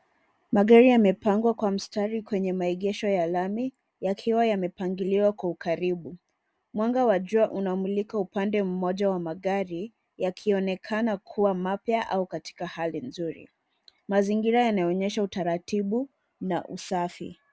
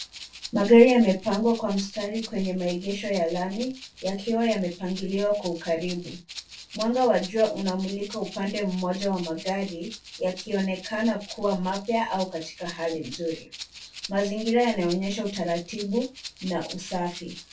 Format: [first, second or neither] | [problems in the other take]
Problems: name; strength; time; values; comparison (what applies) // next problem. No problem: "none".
first | background sound (Rattle (instrument)); 16 dB below the speech // room echo; dies away in 0.2 s